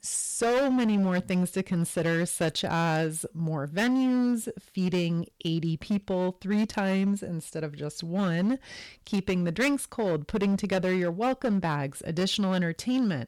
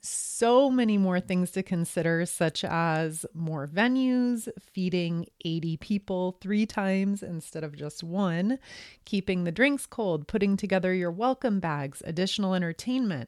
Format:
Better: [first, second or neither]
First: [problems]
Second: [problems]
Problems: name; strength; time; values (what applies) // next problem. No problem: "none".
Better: second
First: distortion; slight; 13% of the sound clipped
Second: none